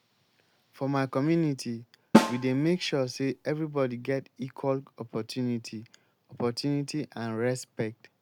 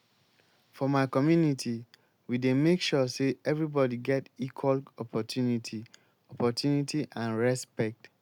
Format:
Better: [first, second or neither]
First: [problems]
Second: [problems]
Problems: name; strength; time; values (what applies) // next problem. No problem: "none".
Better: second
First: background sound (Snare drum); 2 dB above the speech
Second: none